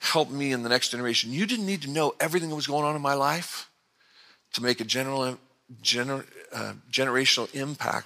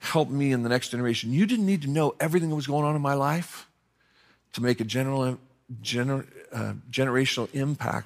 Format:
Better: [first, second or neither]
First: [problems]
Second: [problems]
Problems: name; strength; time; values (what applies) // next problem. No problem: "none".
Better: second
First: thin; very slightly; fading below 550 Hz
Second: none